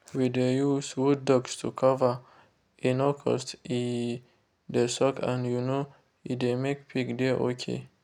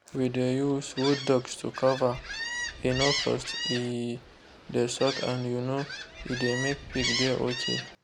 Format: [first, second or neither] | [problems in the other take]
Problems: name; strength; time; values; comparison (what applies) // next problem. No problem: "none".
first | background sound (Gull, seagull); 6 dB below the speech